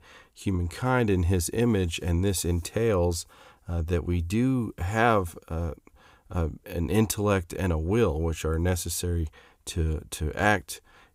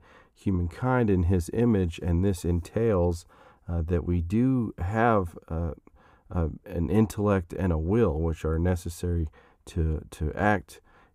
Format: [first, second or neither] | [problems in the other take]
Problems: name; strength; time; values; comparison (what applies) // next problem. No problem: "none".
first | muffled; slightly; fading above 2 kHz